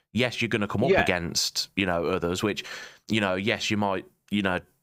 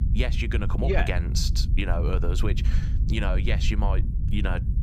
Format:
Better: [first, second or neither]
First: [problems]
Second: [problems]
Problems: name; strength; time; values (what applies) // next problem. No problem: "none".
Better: first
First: none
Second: low rumble; noticeable; throughout; 10 dB below the speech